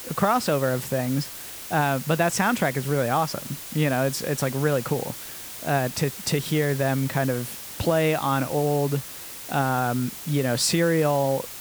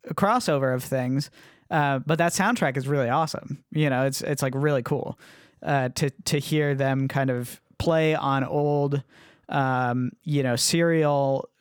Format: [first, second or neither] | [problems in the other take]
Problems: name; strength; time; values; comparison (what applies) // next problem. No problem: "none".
second | hiss; loud; throughout; 10 dB below the speech